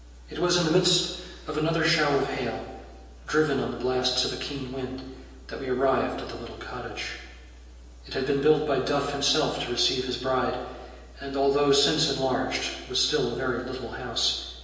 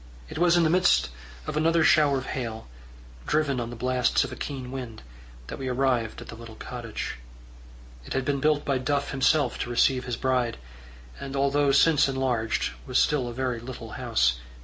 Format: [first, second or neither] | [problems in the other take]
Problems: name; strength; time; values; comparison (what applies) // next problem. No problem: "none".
second | room echo; dies away in 1 s